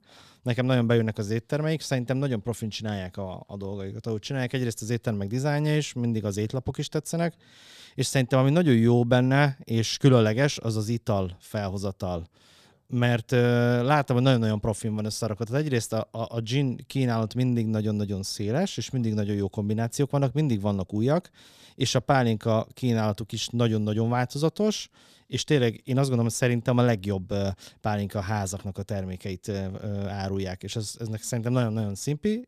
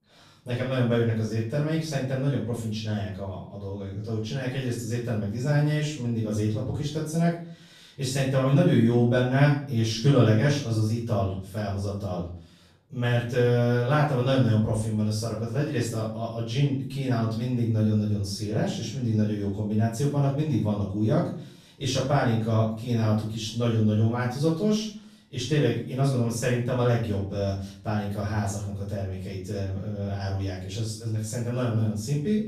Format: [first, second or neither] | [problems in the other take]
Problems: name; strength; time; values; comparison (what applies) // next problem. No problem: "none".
first | off-mic speech; far // room echo; noticeable; dies away in 0.5 s